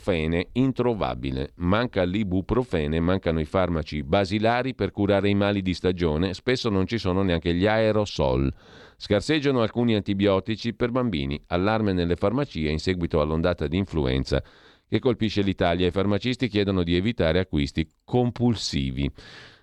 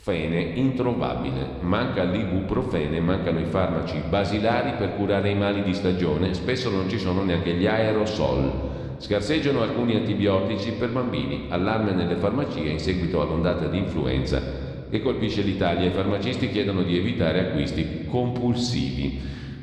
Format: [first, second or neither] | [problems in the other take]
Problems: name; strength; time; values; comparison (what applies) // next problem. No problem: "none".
first | room echo; slight; dies away in 1.9 s